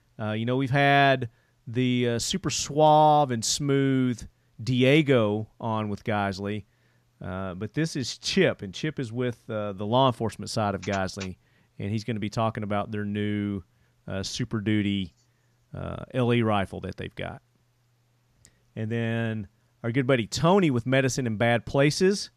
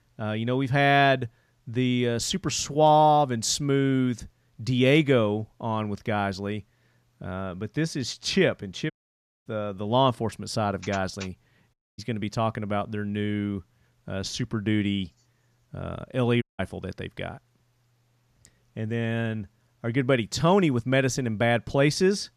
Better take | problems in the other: first | audio cutting out; at 9 s for 0.5 s, at 12 s and at 16 s

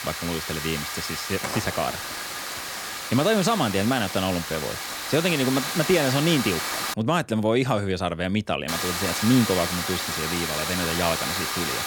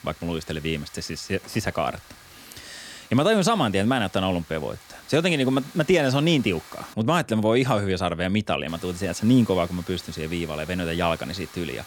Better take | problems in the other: second | hiss; loud; until 7 s and from 8.5 s on; 3 dB below the speech; faint in the second

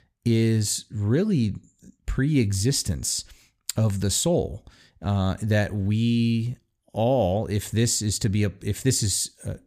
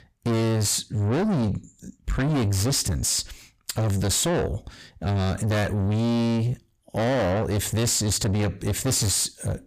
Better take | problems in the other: first | distortion; heavy; 6 dB below the speech

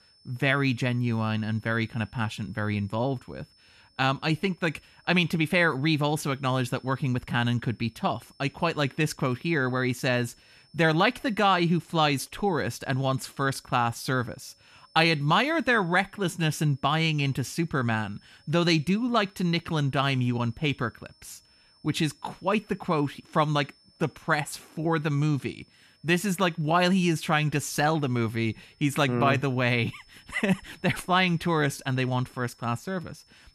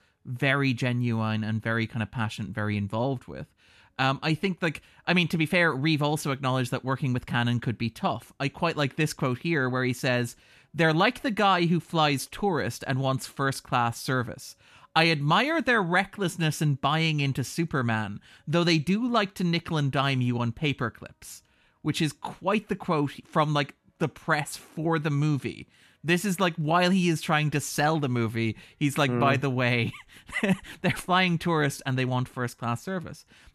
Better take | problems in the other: second | high-pitched whine; faint; throughout; 5.5 kHz, 35 dB below the speech

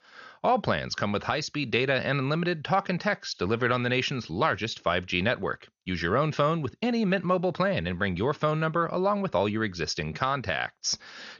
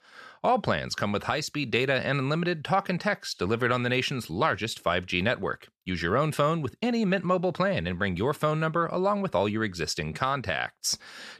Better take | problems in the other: second | garbled, watery; slightly; nothing above 6.5 kHz

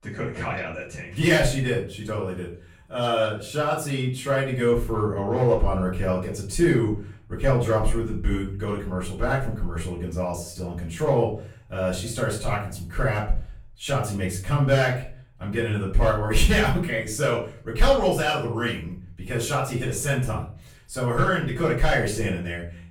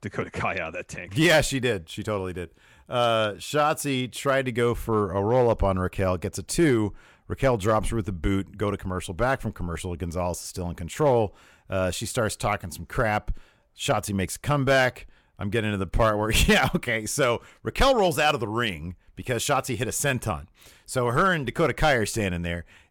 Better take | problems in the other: second | off-mic speech; far // room echo; slight; dies away in 0.4 s

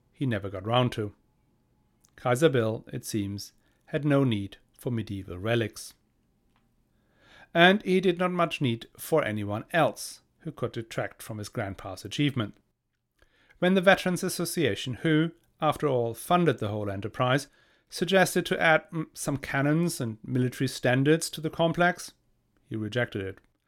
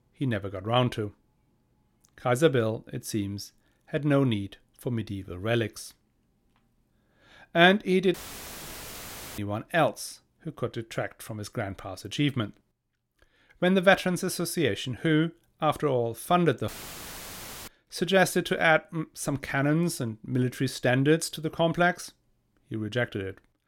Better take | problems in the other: first | audio cutting out; filled with static; at 8 s for 1 s and at 17 s for 1 s

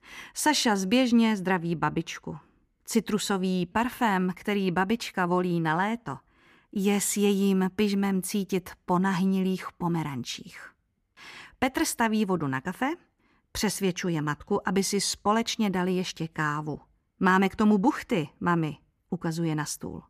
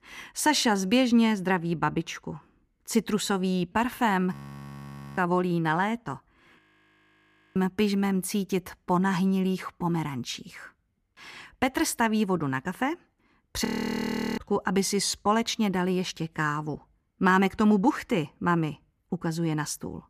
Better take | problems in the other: first | audio freezing; at 4.5 s for 1 s, at 6.5 s for 1 s and at 14 s for 0.5 s

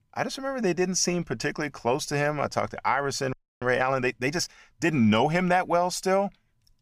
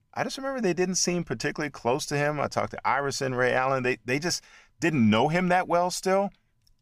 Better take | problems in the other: second | audio freezing; at 3.5 s

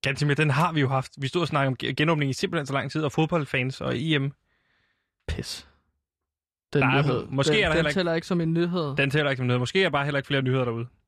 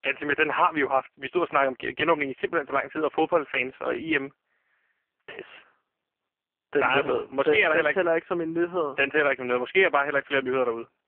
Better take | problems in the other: first | phone-call audio; poor line

